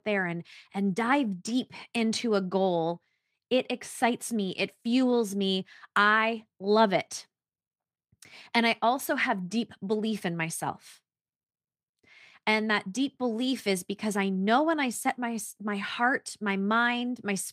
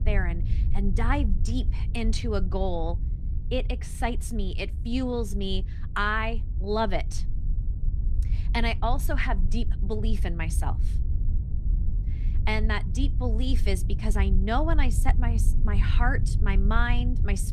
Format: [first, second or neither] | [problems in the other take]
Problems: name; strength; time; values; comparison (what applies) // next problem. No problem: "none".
first | low rumble; noticeable; throughout; 15 dB below the speech